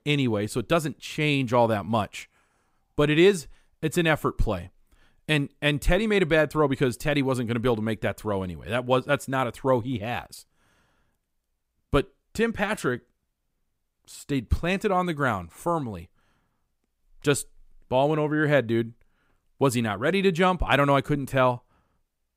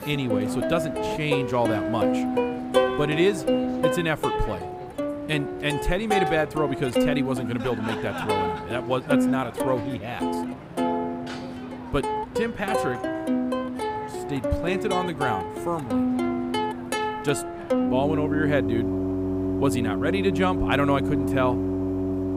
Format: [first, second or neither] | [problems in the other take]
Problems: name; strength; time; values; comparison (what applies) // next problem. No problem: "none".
first | background music; very loud; throughout; as loud as the speech